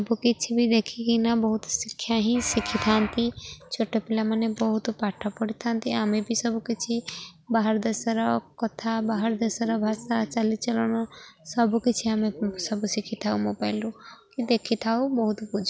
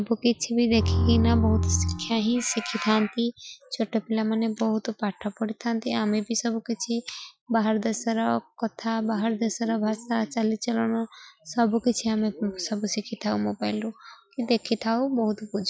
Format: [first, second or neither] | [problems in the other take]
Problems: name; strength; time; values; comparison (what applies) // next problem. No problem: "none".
first | noise reduction (classical method Wiener filter)